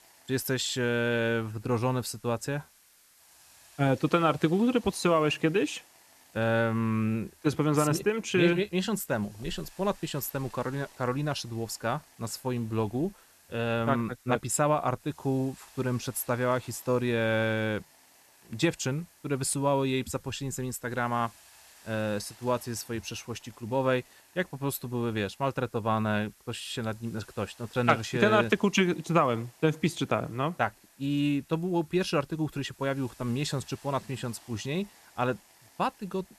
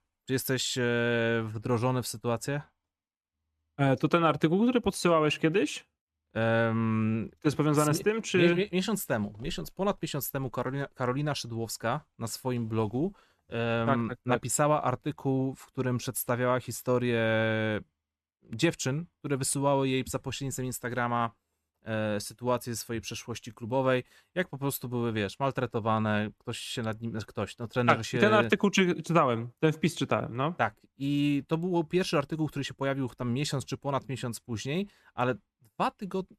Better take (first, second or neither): second